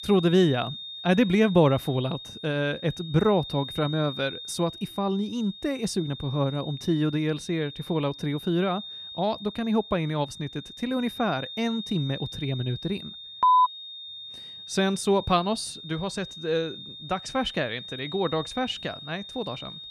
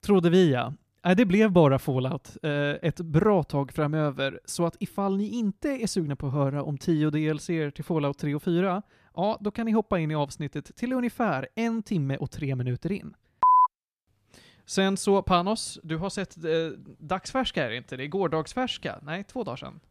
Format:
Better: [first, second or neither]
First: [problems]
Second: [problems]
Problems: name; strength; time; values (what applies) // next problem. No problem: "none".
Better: second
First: high-pitched whine; noticeable; throughout; 3.5 kHz, 10 dB below the speech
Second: none